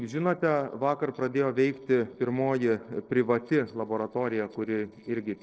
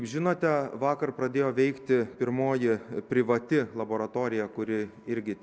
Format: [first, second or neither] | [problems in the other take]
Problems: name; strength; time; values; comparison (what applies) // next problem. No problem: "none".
second | noise reduction (neural separator model SepFormer DNS4)